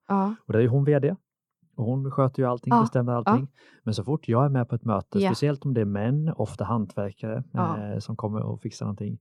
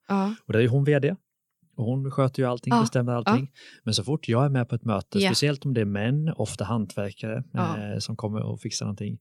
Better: second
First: muffled; slightly; fading above 1.5 kHz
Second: none

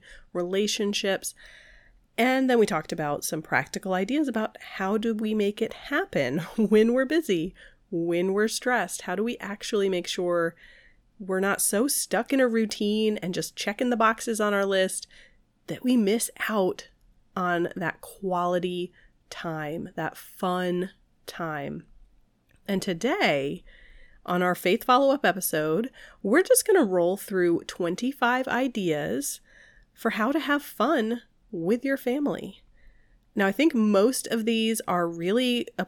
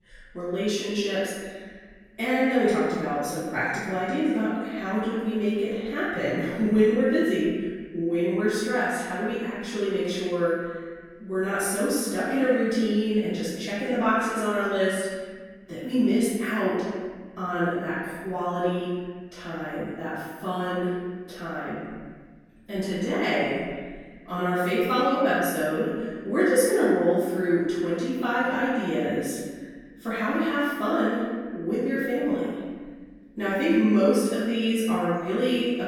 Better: first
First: none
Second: off-mic speech; far // room echo; strong; dies away in 1.5 s

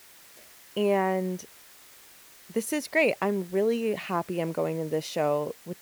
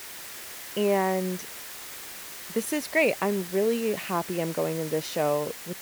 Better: first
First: hiss; faint; throughout; 20 dB below the speech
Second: hiss; loud; throughout; 9 dB below the speech

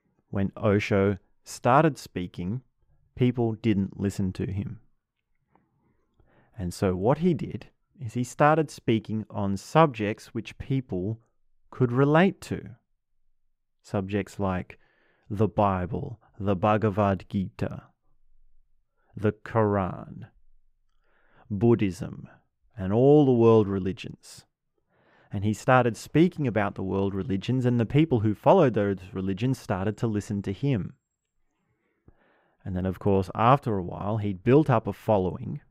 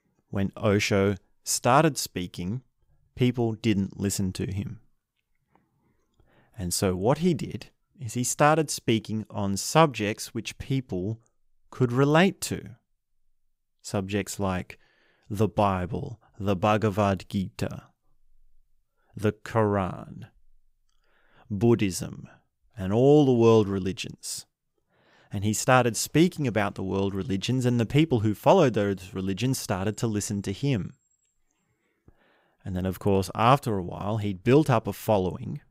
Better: second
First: muffled; slightly; fading above 3.5 kHz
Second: none

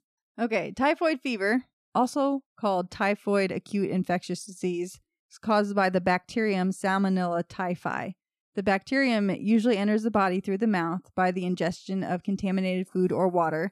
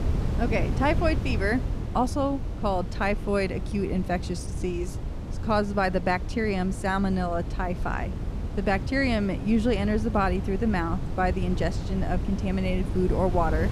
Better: first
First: none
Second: wind noise on the microphone; occasional gusts; 15 dB below the speech

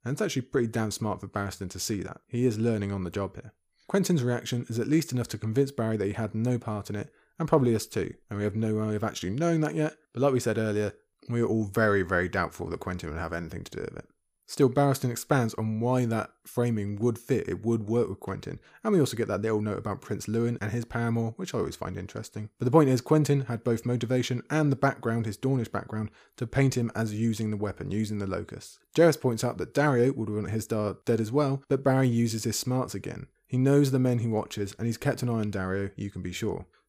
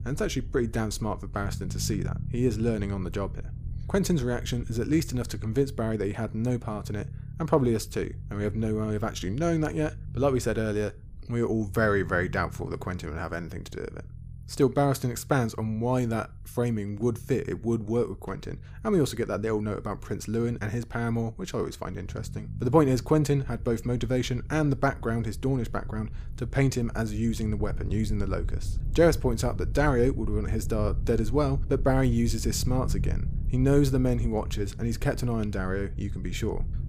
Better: first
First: none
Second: low rumble; faint; throughout; 20 dB below the speech

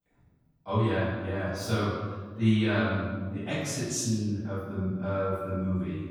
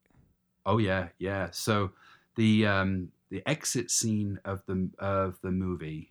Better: second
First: off-mic speech; far // room echo; strong; dies away in 1.4 s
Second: none

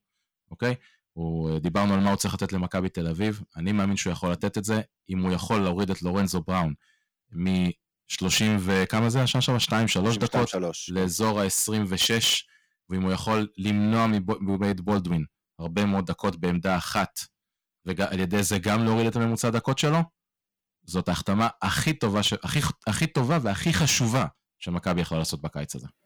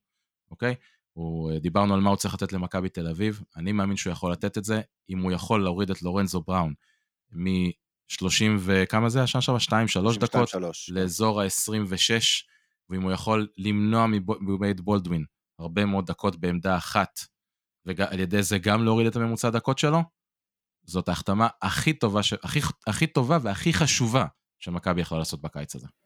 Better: second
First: distortion; slight; 7% of the sound clipped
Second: none

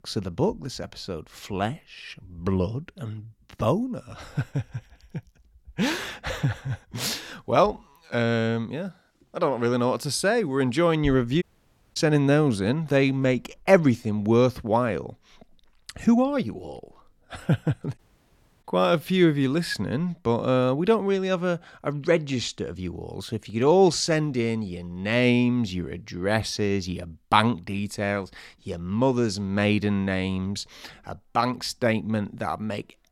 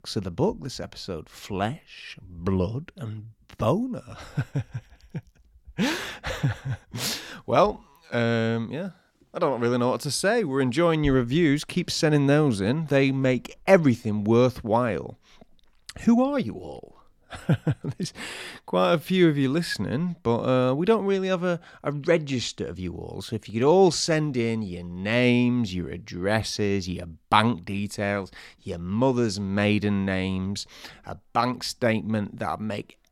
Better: second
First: audio cutting out; at 11 s for 0.5 s and at 18 s for 0.5 s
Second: none

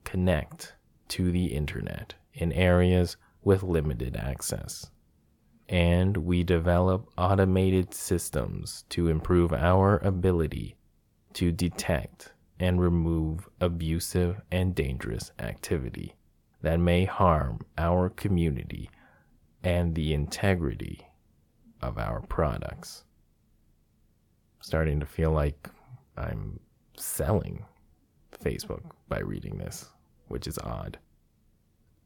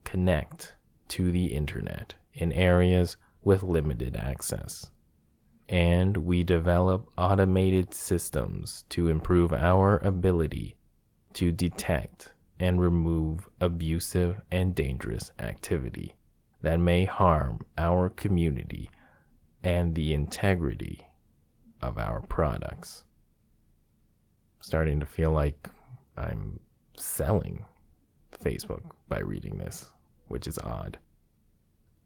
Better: first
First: none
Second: garbled, watery; slightly; nothing above 18 kHz

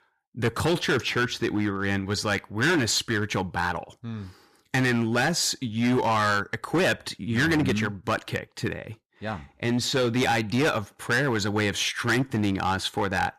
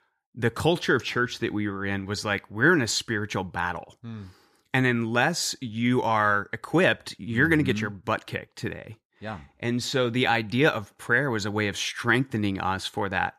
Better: second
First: distortion; heavy; 11% of the sound clipped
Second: none

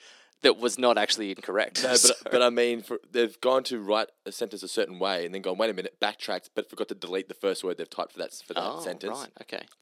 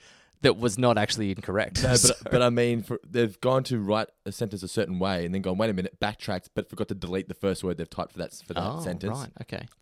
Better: second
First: thin; somewhat; fading below 300 Hz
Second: none

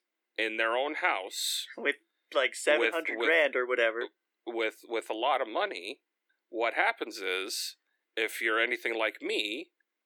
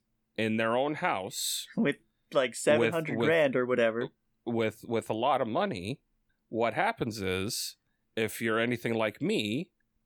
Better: second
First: thin; very; fading below 350 Hz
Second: none

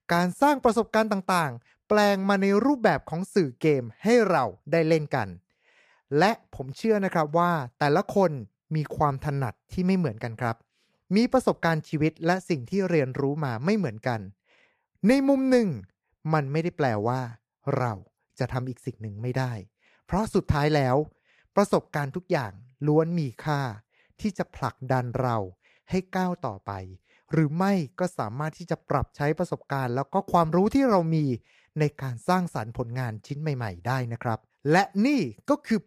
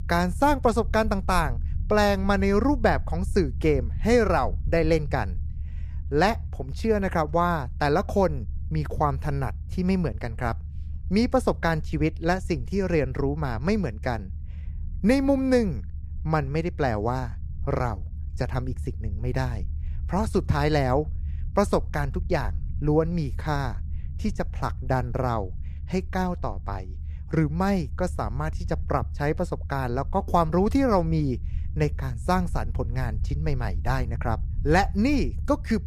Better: first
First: none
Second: low rumble; faint; throughout; 25 dB below the speech

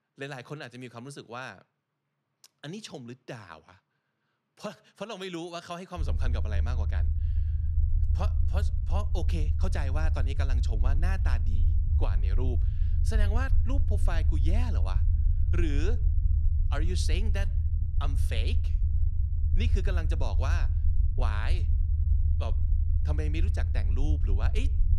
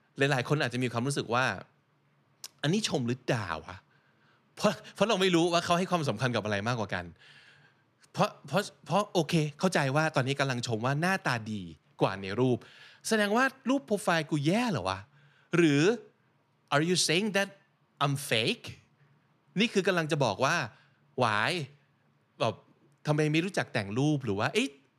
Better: second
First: low rumble; loud; from 6 s on; 7 dB below the speech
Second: none

